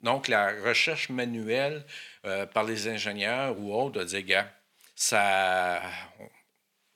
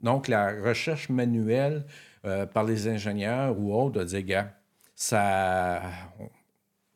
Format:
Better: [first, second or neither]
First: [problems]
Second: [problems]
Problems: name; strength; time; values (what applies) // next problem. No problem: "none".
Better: second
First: thin; somewhat; fading below 1 kHz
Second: none